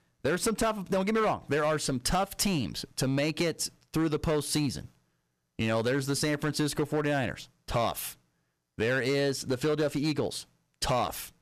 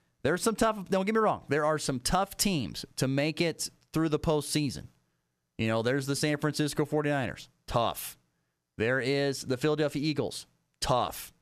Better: second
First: distortion; slight; 7% of the sound clipped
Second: none

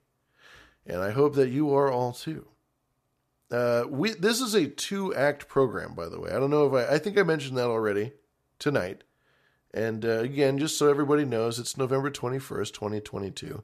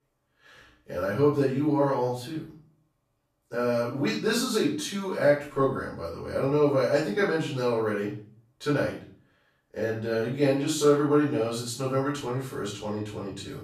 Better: first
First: none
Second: off-mic speech; far // room echo; noticeable; dies away in 0.4 s

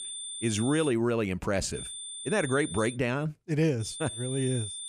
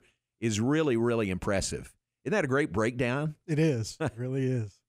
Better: second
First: high-pitched whine; loud; at the start, from 2 to 3 s and from 4 s on; 9 kHz, 8 dB below the speech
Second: none

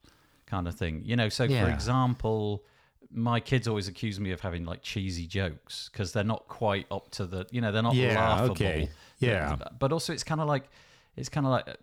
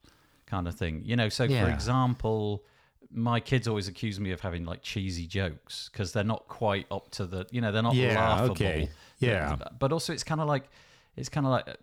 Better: neither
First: none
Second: none

